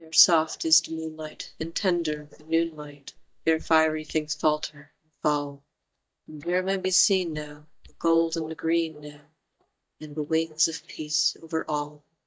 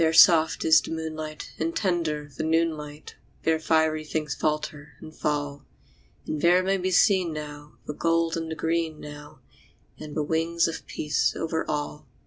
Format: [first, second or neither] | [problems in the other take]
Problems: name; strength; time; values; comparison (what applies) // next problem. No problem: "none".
second | noise reduction (neural mask model DeepFilterNet 3)